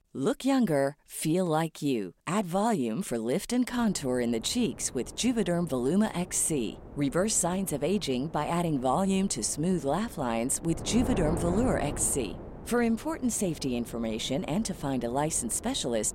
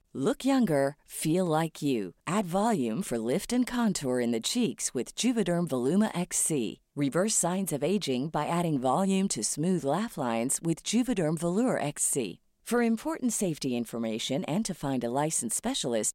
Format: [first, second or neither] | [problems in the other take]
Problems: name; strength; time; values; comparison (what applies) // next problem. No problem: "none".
second | wind noise on the microphone; occasional gusts; from 3.5 s on; 15 dB below the speech